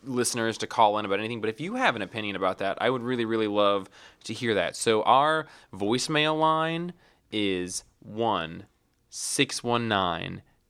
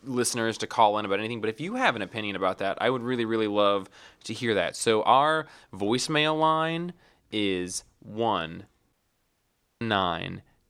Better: first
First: none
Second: audio cutting out; at 9 s for 1 s

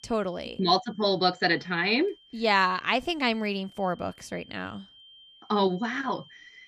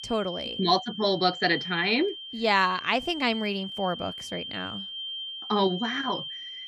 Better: first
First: high-pitched whine; faint; throughout; 3 kHz, 25 dB below the speech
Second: high-pitched whine; loud; throughout; 3 kHz, 8 dB below the speech

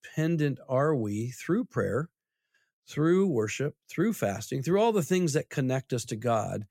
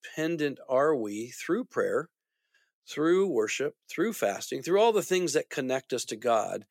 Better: first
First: none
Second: thin; somewhat; fading below 400 Hz

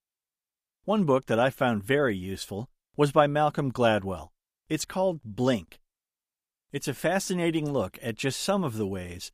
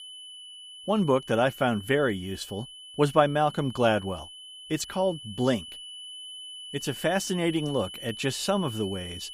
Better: first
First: none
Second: high-pitched whine; noticeable; throughout; 3 kHz, 15 dB below the speech

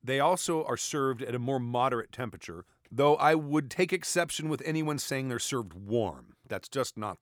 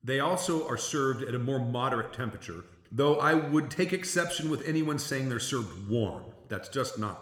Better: first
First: none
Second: room echo; very slight; dies away in 0.9 s

